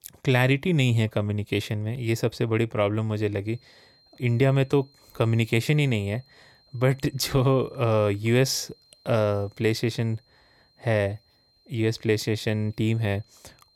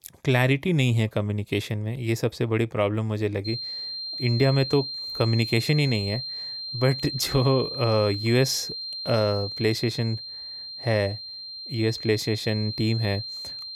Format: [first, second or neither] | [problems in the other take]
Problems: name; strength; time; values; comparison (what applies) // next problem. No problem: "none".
first | high-pitched whine; loud; from 3.5 s on; 4 kHz, 7 dB below the speech; faint in the first